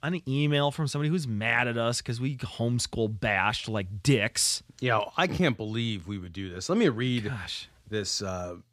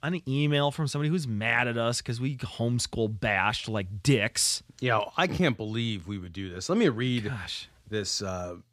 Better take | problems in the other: neither | none

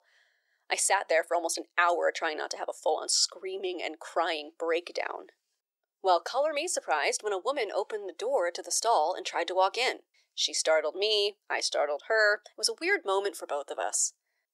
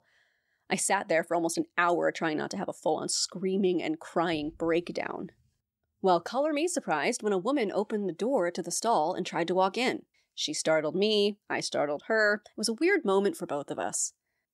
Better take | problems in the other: second | thin; very; fading below 450 Hz

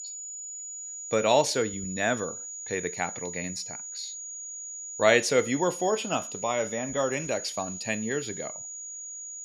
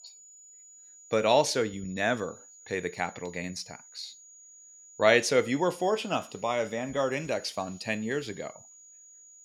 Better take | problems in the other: second | high-pitched whine; loud; throughout; 7 kHz, 8 dB below the speech; faint in the second

